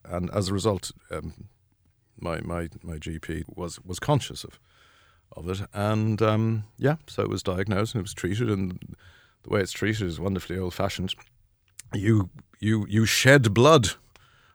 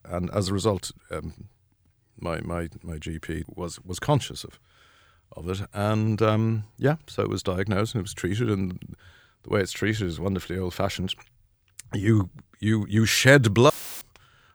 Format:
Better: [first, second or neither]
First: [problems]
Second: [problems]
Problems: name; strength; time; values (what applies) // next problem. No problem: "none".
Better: first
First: none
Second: audio cutting out; filled with static; at 14 s